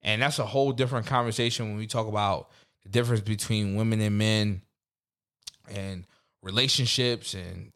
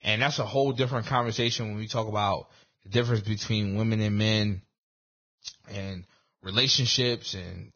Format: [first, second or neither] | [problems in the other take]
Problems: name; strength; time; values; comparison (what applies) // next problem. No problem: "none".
first | garbled, watery; badly; nothing above 6.5 kHz